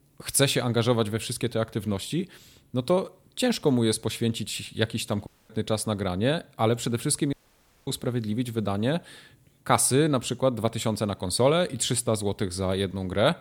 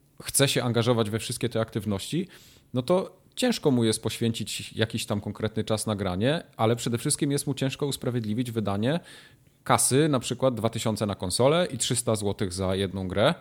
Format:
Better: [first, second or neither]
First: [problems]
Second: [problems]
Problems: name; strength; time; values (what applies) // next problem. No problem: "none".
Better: second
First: audio cutting out; at 5.5 s and at 7.5 s for 0.5 s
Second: none